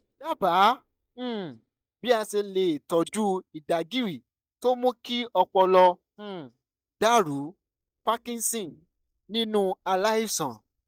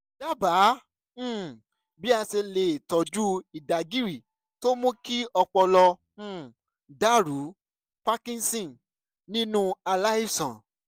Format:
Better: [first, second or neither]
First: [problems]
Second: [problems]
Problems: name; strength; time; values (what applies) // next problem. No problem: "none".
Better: second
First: noise reduction (neural mask model DeepFilterNet 3)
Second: none